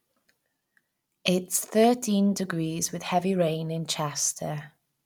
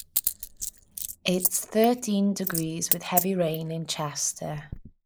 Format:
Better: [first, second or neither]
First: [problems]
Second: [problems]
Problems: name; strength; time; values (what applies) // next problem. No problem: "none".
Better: first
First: none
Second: noise reduction (neural mask model Resemble Enhance denoiser)